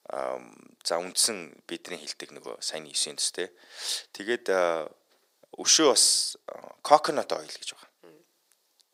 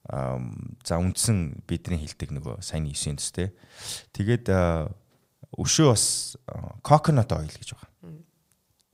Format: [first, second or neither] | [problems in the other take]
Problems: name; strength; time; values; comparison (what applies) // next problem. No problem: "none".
second | thin; very; fading below 350 Hz